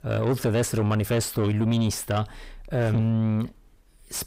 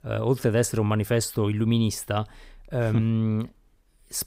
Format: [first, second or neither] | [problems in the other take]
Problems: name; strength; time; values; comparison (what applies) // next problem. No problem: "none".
second | distortion; slight; 10 dB below the speech